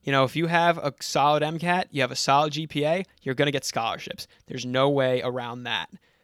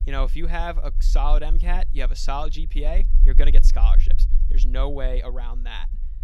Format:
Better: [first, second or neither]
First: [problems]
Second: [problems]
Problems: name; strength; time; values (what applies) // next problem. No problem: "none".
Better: first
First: none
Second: low rumble; noticeable; throughout; 20 dB below the speech